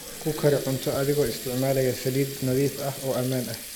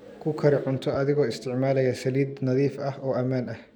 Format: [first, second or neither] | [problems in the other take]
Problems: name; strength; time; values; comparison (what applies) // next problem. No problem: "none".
second | background sound (Water tap, faucet); 11 dB below the speech